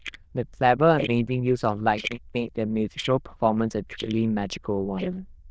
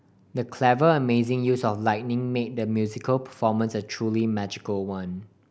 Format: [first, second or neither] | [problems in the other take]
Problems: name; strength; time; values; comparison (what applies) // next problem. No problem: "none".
second | noise reduction (neural diffusion model UNIVERSE++)